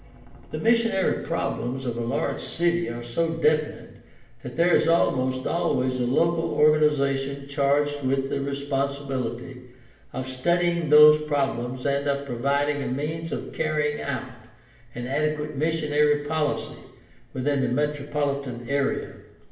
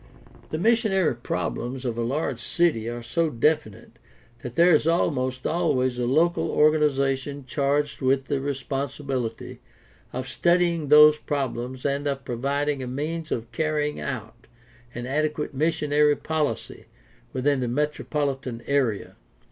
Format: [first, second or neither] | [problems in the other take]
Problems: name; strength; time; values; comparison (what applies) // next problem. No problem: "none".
second | room echo; dies away in 0.8 s